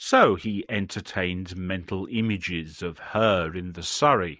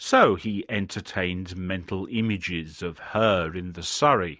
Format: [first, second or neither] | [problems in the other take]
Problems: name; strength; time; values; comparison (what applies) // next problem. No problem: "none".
second | noise reduction (neural mask model Resemble Enhance denoiser)